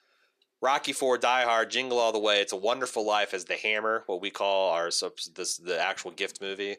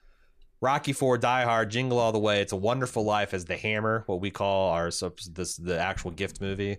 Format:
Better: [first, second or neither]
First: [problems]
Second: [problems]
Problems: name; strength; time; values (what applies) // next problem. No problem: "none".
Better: second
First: thin; somewhat; fading below 350 Hz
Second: none